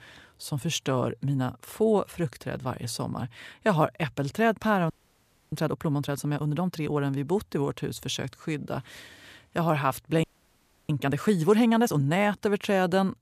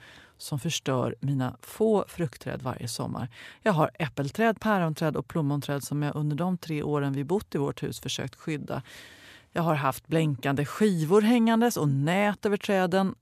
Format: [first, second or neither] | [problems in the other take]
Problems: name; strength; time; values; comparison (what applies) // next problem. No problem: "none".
second | audio freezing; at 5 s for 0.5 s and at 10 s for 0.5 s